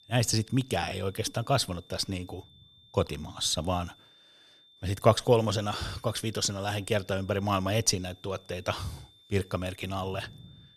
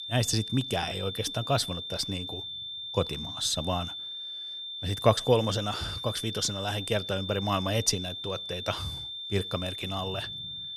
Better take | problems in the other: first | high-pitched whine; loud; throughout; 3.5 kHz, 5 dB below the speech; faint in the first

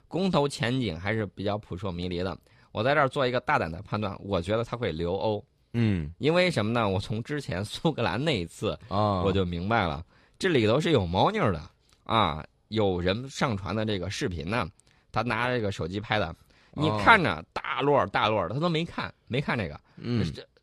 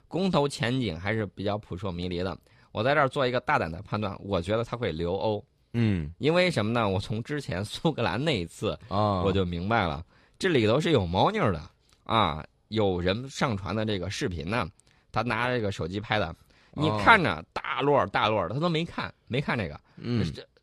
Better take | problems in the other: neither | none

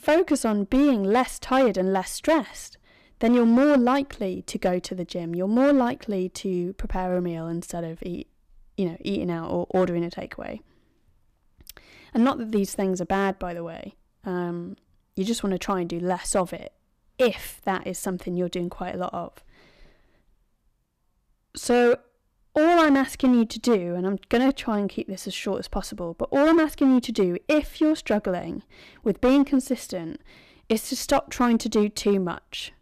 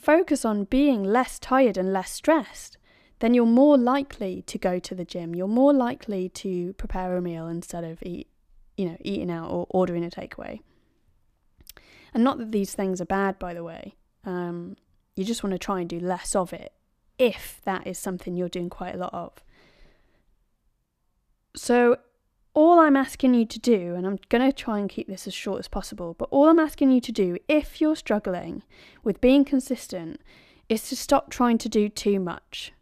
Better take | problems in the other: second | distortion; slight; 4% of the sound clipped

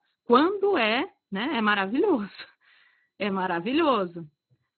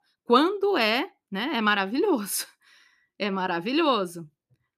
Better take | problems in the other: second | garbled, watery; badly; nothing above 4 kHz

